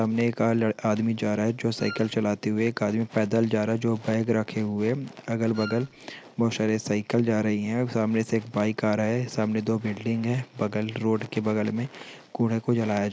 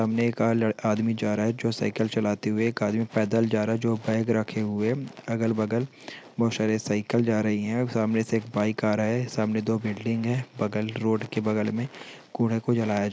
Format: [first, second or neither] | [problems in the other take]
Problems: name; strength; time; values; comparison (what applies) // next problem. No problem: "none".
second | background sound (Wind instrument, woodwind instrument); 16 dB below the speech